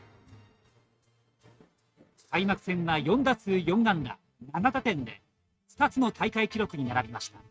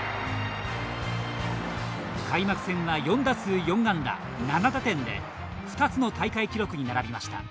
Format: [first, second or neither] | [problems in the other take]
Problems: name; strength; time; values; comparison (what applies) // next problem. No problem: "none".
second | noise reduction (neural mask model RNNoise)